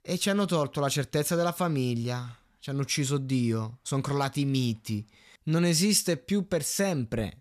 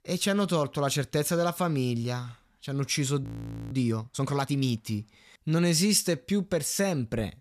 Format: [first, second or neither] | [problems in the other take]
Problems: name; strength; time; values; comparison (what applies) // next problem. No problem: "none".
first | audio freezing; at 3 s